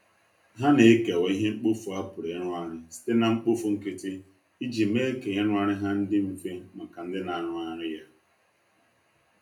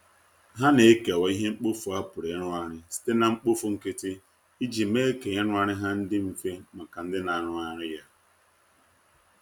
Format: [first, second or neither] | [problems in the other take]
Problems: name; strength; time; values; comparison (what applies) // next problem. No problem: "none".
second | room echo; dies away in 0.3 s